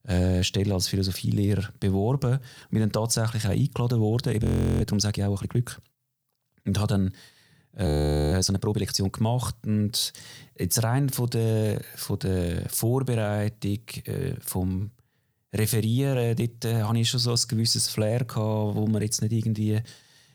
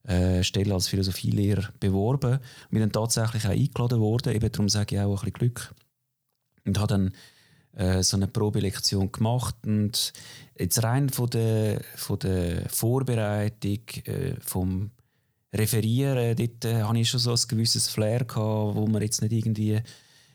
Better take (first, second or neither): second